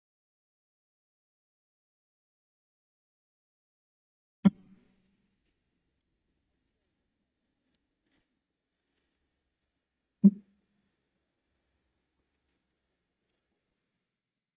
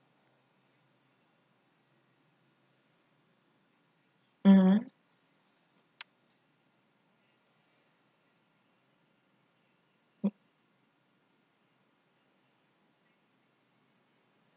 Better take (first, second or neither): second